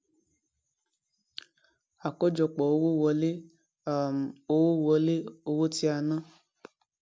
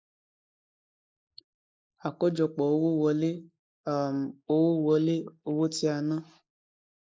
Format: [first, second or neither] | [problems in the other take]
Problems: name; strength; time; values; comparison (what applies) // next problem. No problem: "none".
first | noise reduction (neural mask model Resemble Enhance denoiser)